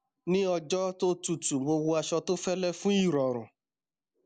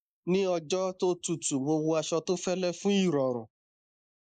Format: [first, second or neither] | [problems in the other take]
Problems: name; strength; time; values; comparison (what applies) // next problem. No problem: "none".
first | noise reduction (neural mask model Resemble Enhance denoiser)